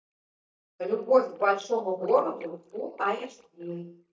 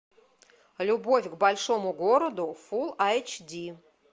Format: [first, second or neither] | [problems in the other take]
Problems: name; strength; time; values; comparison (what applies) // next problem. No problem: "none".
second | noise reduction (neural mask model DeepFilterNet 3)